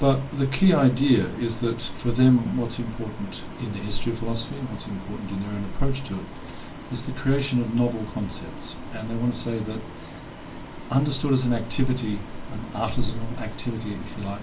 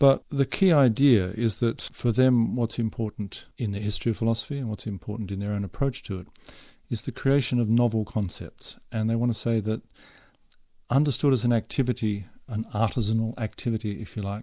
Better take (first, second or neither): second